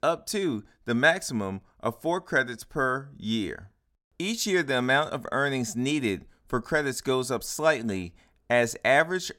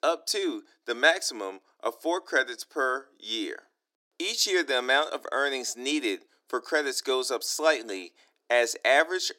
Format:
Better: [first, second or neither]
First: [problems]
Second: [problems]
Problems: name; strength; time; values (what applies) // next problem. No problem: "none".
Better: first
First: none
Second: thin; somewhat; fading below 300 Hz